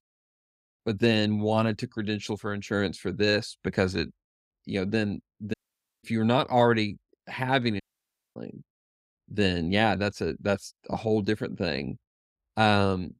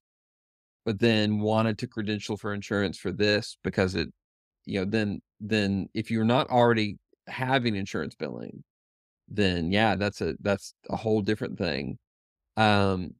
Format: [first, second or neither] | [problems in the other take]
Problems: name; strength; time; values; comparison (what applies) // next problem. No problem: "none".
second | audio cutting out; at 5.5 s and at 8 s for 0.5 s